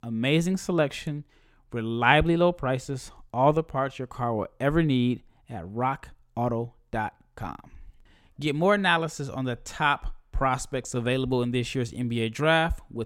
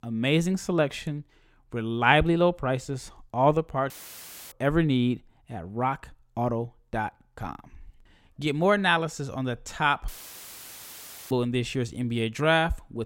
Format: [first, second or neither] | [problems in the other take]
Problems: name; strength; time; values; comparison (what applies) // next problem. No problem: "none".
first | audio cutting out; filled with static; at 4 s for 0.5 s and at 10 s for 1 s